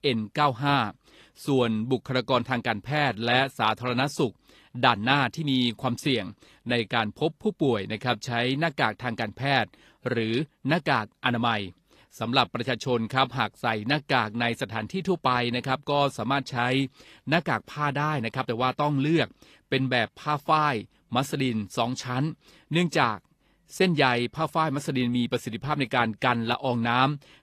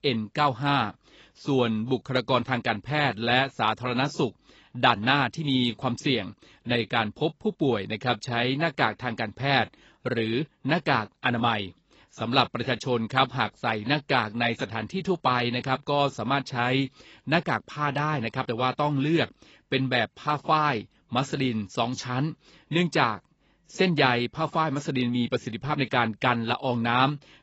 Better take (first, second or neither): first